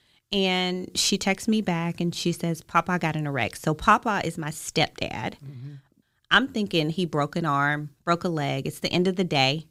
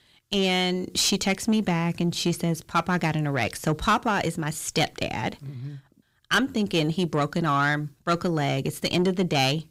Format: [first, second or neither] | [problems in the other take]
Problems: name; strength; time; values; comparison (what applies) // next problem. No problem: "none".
first | distortion; slight; 10 dB below the speech